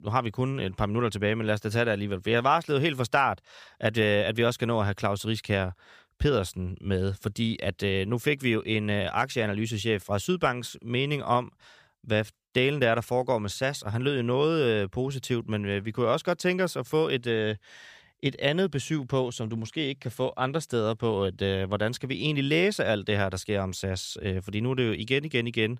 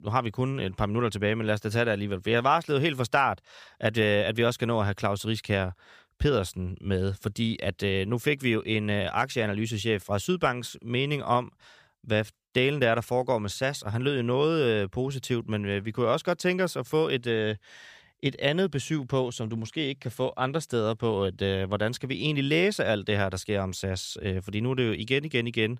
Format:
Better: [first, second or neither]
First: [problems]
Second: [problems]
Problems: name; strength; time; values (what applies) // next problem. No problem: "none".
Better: neither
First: none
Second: none